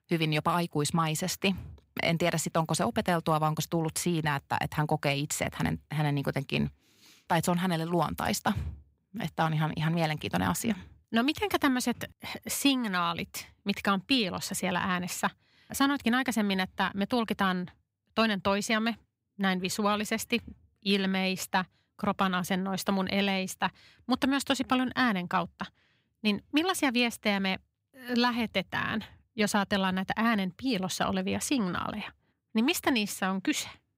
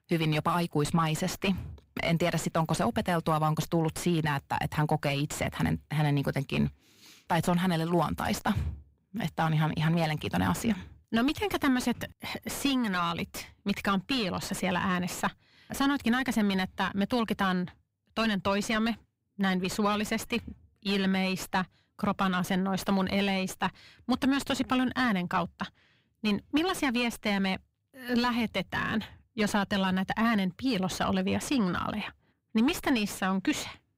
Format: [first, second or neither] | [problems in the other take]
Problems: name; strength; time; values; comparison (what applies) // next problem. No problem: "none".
first | distortion; slight; 9 dB below the speech